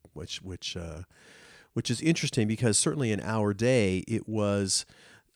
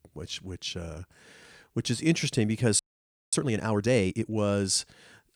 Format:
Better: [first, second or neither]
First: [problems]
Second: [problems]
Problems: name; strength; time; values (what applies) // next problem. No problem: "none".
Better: first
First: none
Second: audio freezing; at 3 s for 0.5 s